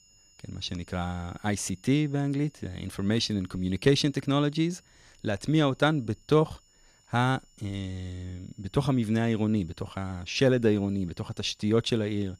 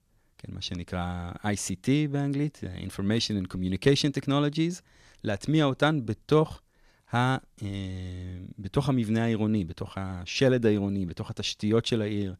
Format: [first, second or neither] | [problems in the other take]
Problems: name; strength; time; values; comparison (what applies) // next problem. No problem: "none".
second | high-pitched whine; faint; throughout; 7 kHz, 30 dB below the speech